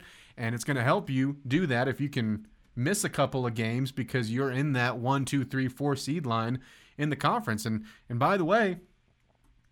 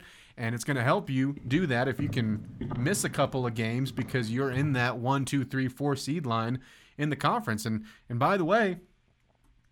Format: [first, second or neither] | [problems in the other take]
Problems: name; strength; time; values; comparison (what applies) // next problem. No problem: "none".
first | footsteps; noticeable; from 1.5 to 5 s; peak 8 dB below the speech